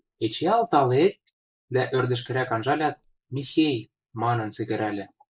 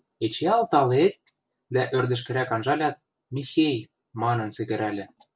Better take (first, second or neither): second